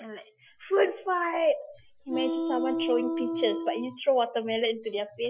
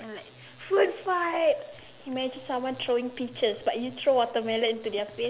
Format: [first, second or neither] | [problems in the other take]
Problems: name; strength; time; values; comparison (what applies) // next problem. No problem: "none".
second | noise reduction (classical method Wiener filter)